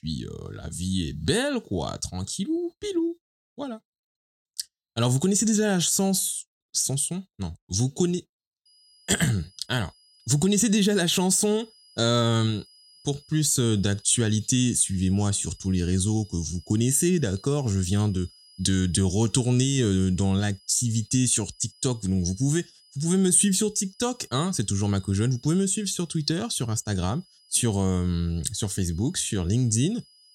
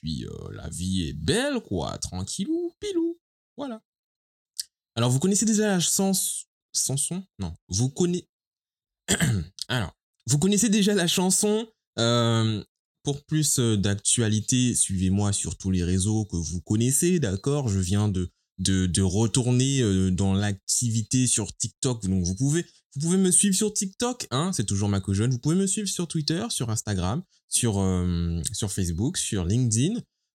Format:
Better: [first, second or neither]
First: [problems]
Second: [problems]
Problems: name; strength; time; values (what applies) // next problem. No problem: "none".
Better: second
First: high-pitched whine; faint; from 8.5 s on; 5 kHz, 30 dB below the speech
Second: none